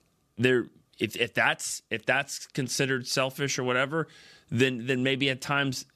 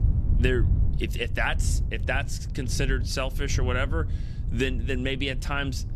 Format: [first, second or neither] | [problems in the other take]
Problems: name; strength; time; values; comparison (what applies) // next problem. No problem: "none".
first | wind noise on the microphone; occasional gusts; 15 dB below the speech